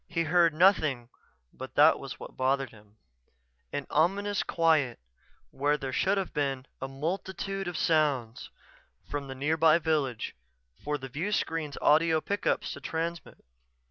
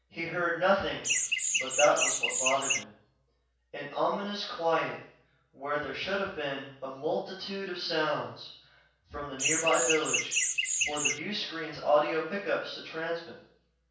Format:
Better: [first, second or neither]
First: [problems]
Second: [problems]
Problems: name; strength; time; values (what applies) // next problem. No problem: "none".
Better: first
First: none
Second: background sound (Chirp, tweet); 3 dB above the speech // room echo; dies away in 0.7 s